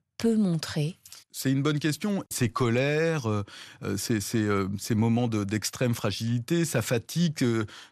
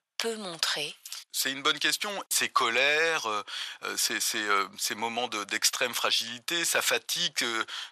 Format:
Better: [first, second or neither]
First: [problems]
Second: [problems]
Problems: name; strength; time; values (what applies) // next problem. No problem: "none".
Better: first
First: none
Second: thin; very; fading below 900 Hz